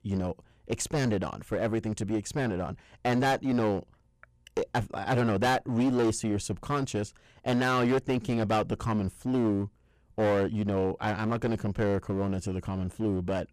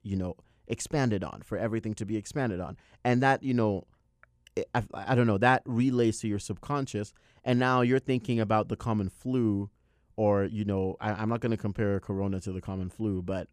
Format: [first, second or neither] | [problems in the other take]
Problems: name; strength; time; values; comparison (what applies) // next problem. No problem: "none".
second | distortion; heavy; 12% of the sound clipped